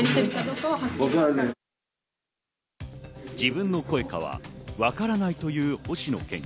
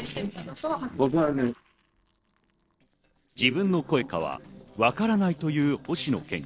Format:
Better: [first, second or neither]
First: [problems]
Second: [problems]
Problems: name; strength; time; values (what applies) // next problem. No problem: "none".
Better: first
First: none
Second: noise reduction (neural separator model SepFormer DNS4)